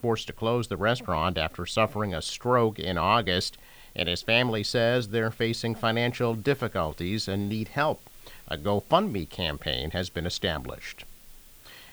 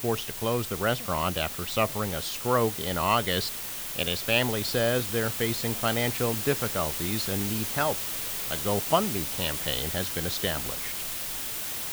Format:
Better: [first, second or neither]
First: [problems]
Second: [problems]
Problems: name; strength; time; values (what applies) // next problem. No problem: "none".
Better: first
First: hiss; faint; throughout; 25 dB below the speech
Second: hiss; loud; throughout; 2 dB below the speech